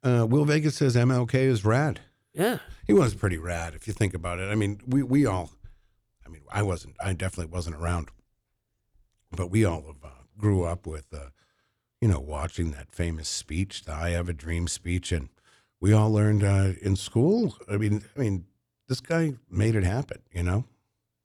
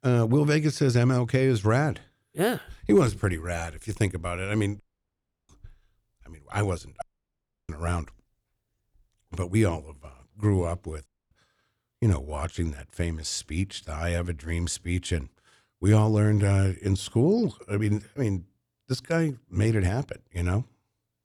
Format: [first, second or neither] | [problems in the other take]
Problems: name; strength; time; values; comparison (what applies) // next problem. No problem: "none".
first | audio cutting out; at 5 s for 0.5 s, at 7 s for 0.5 s and at 11 s